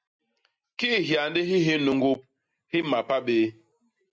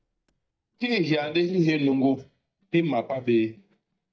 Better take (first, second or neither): first